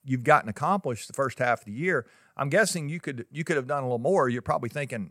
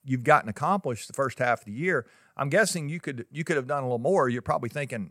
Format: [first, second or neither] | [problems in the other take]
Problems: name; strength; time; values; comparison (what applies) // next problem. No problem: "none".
neither | none